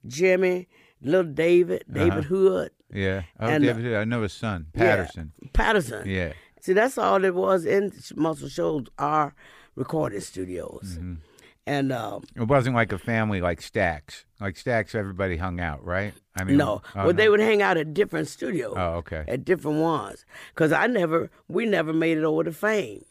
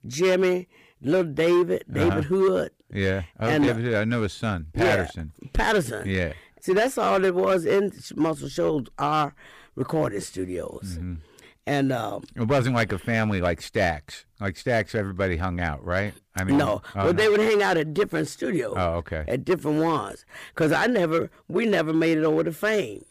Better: first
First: none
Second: distortion; slight; 7% of the sound clipped

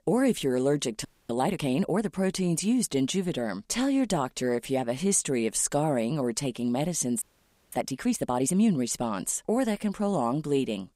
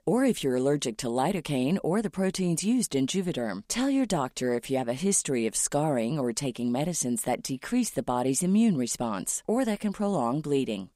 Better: second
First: audio freezing; at 1 s and at 7 s for 0.5 s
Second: none

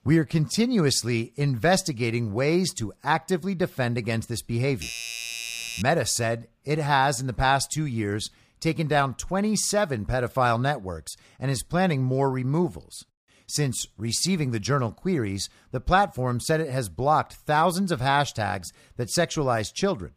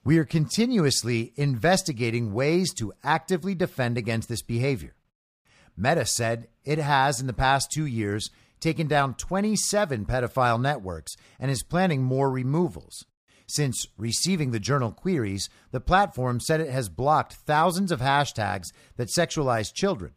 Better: second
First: doorbell; noticeable; from 4.5 to 6 s; peak 6 dB below the speech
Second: none

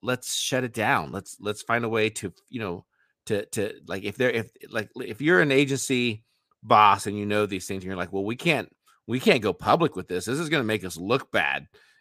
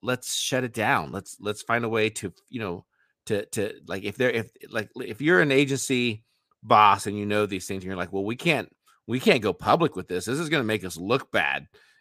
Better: neither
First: none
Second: none

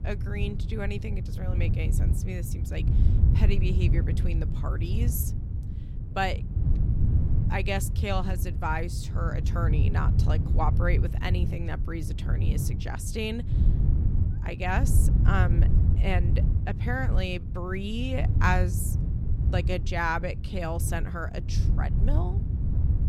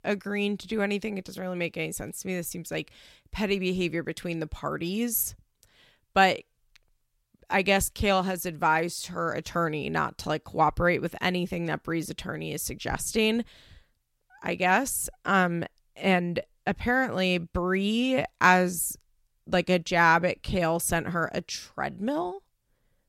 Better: second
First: wind noise on the microphone; heavy; 8 dB below the speech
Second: none

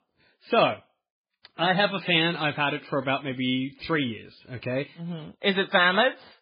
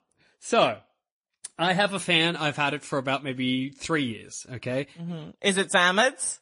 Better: second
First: garbled, watery; badly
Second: garbled, watery; slightly; nothing above 10.5 kHz

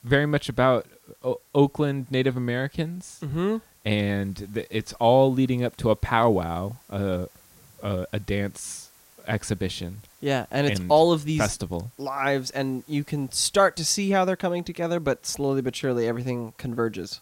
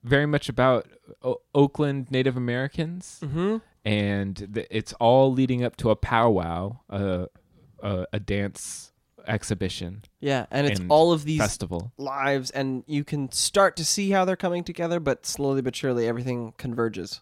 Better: second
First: hiss; faint; throughout; 30 dB below the speech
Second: none

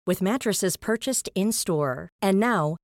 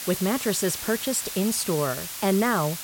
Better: first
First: none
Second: hiss; loud; throughout; 6 dB below the speech

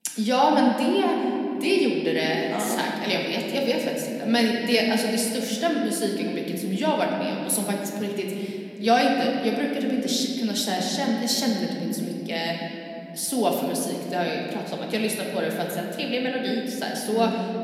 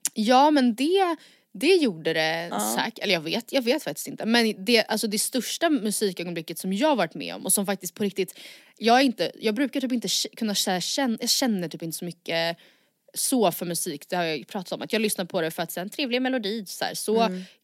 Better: second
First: room echo; noticeable; dies away in 2.9 s // off-mic speech; somewhat distant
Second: none

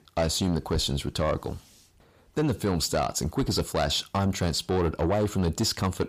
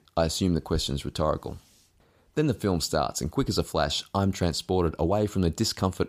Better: second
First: distortion; slight; 10 dB below the speech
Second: none

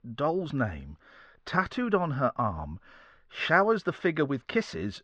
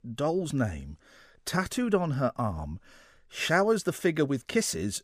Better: second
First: muffled; slightly; fading above 4 kHz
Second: none

